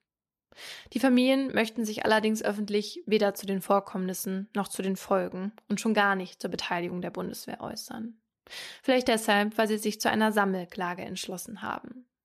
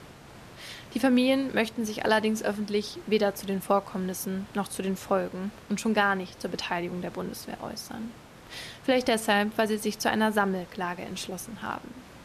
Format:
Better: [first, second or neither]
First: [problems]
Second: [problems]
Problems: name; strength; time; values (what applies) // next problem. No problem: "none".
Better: first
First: none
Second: hiss; faint; throughout; 20 dB below the speech